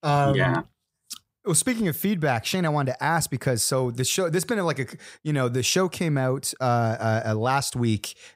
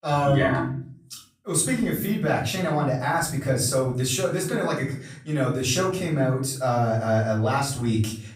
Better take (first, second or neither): first